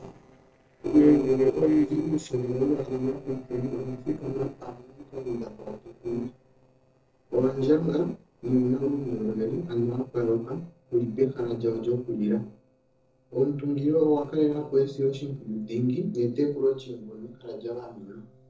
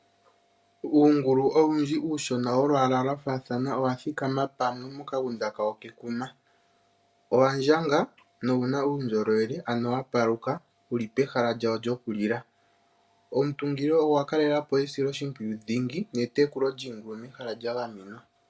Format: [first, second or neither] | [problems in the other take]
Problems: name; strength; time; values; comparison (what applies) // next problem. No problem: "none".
second | noise reduction (neural separator model SepFormer DNS4)